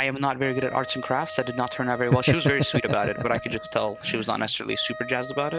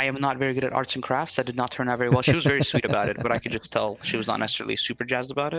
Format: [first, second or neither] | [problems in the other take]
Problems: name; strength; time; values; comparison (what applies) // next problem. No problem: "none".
second | background sound (Wind instrument, woodwind instrument); 13 dB below the speech